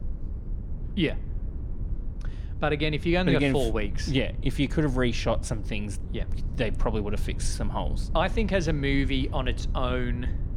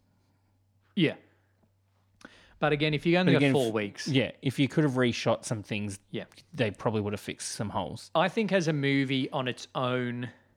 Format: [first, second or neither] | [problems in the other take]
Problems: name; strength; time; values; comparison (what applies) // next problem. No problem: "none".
second | low rumble; noticeable; throughout; 20 dB below the speech